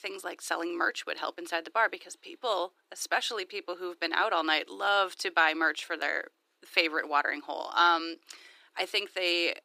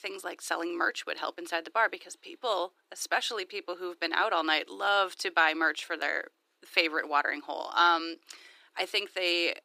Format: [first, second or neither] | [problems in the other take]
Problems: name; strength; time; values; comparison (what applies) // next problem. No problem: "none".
neither | thin; very; fading below 350 Hz; the same in both